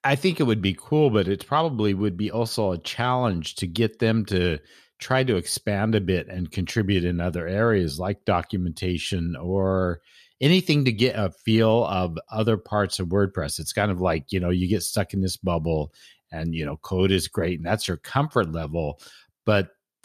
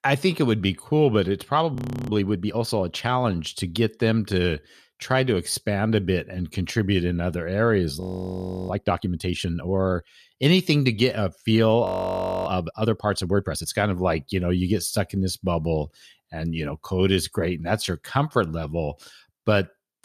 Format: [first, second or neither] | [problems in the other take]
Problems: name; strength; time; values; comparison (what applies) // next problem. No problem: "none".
first | audio freezing; at 2 s, at 8 s for 0.5 s and at 12 s for 0.5 s